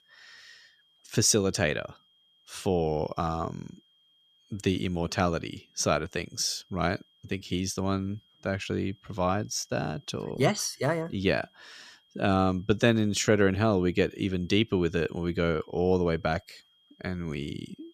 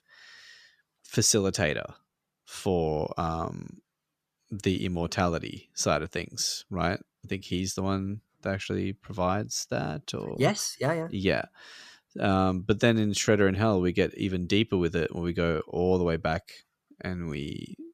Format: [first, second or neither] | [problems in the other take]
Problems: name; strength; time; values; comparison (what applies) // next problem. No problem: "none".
second | high-pitched whine; faint; throughout; 3 kHz, 35 dB below the speech